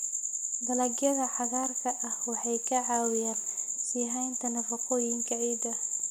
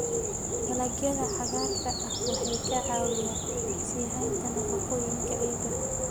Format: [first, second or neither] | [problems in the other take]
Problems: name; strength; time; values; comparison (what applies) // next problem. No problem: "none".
first | background sound (Bird); as loud as the speech